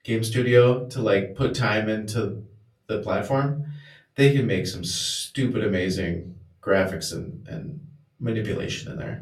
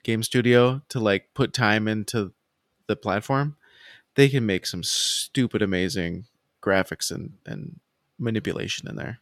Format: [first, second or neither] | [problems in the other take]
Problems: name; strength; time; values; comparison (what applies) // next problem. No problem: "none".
second | off-mic speech; far // room echo; very slight; dies away in 0.5 s